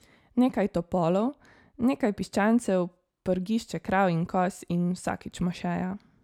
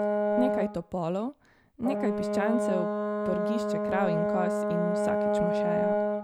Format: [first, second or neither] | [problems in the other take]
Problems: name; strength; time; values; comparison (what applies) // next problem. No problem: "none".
first | background sound (Brass instrument); 4 dB above the speech